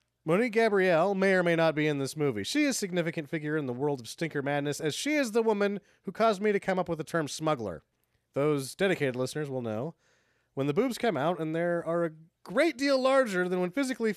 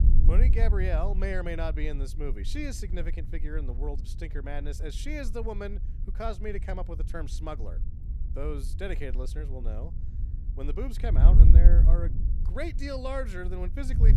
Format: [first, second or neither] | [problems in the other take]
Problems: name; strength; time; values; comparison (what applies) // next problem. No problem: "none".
first | wind noise on the microphone; heavy; 9 dB below the speech